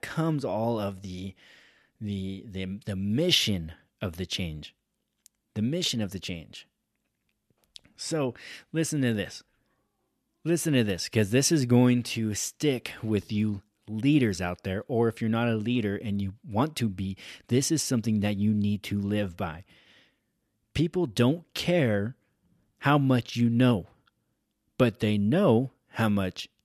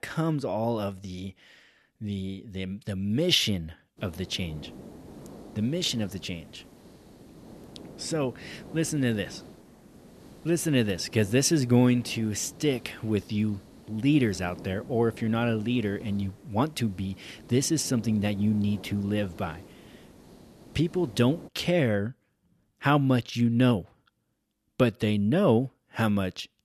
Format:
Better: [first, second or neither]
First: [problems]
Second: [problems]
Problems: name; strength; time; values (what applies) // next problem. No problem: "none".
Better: first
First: none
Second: hiss; noticeable; from 4 to 21 s; 20 dB below the speech